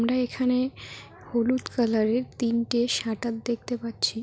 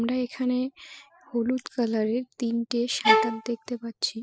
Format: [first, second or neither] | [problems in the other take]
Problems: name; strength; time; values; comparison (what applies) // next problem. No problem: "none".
first | noise reduction (classical method spectral subtraction)